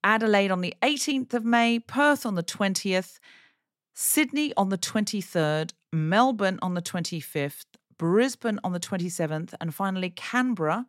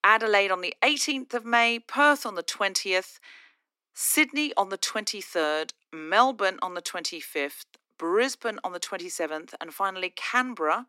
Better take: first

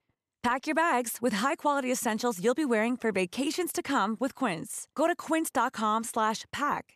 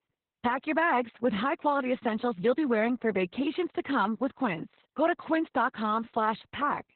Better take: first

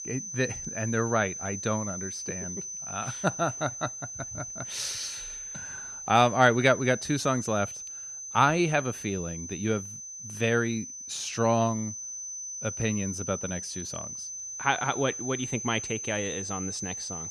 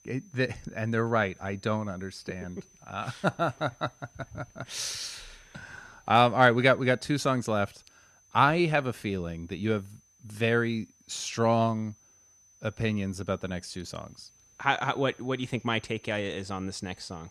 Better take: second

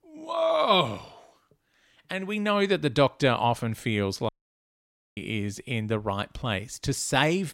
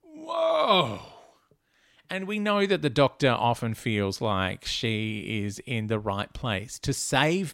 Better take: second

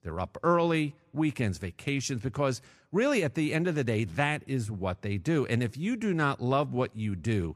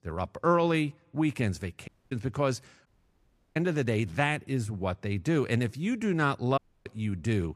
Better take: first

